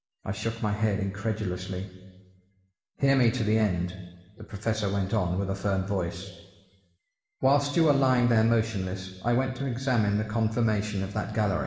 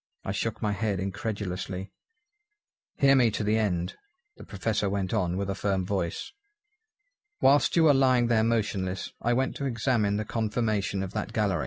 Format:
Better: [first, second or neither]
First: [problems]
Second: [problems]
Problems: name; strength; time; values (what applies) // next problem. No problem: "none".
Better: second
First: room echo; dies away in 1.2 s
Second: none